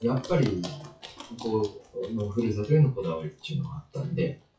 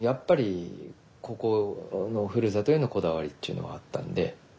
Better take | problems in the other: second | noise reduction (classical method WPE with log-MMSE)

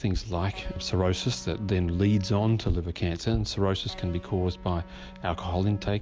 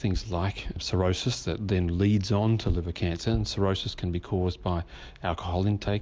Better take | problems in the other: second | background sound (Electric guitar); 18 dB below the speech

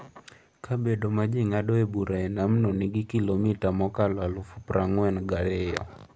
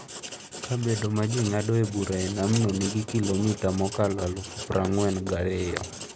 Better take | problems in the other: first | background sound (Writing); 11 dB below the speech

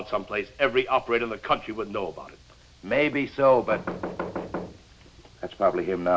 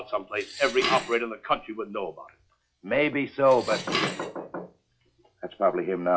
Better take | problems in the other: first | noise reduction (classical method log-MMSE)

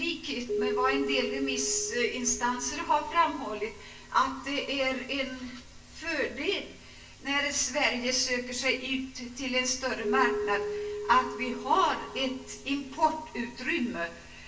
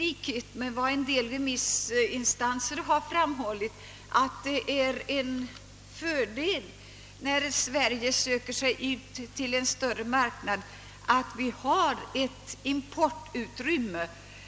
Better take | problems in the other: second | background sound (Keyboard (musical)); 8 dB below the speech // room echo; dies away in 0.3 s

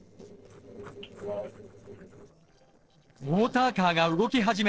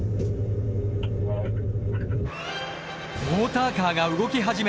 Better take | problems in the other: second | noise reduction (neural separator model SepFormer DNS4)

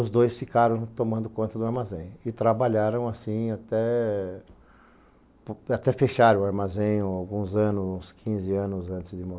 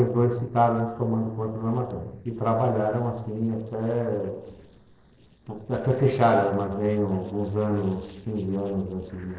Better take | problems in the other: first | noise reduction (neural separator model SepFormer DNS4)

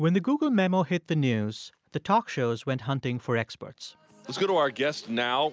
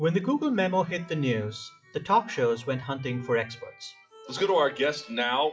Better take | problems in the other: first | noise reduction (classical method WPE with log-MMSE)

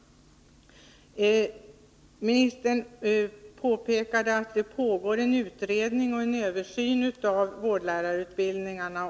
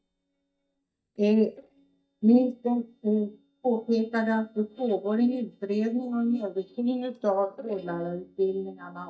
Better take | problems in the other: first | noise reduction (neural mask model DeepFilterNet 3)

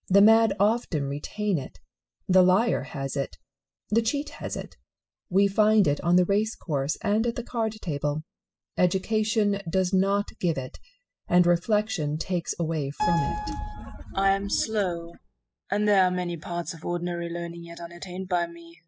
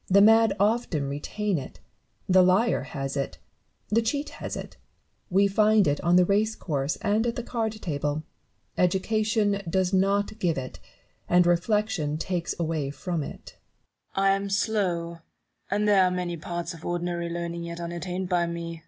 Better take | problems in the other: second | noise reduction (classical method spectral subtraction)

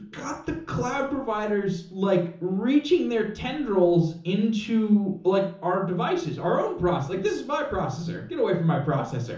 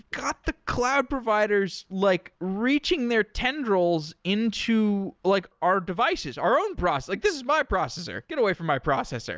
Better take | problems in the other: second | room echo; dies away in 0.7 s

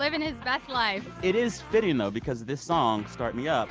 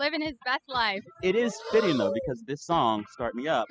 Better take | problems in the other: first | noise reduction (classical method spectral subtraction)

